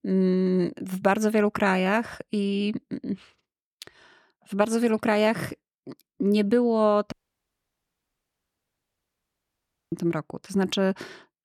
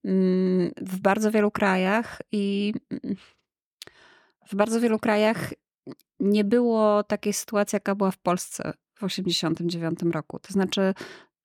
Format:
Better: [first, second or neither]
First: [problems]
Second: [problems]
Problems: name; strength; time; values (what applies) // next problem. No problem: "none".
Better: second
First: audio cutting out; at 7 s for 3 s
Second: none